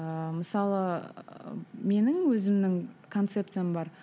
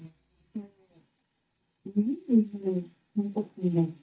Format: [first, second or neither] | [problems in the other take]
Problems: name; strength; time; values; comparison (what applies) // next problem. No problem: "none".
first | noise reduction (neural mask model DeepFilterNet 3)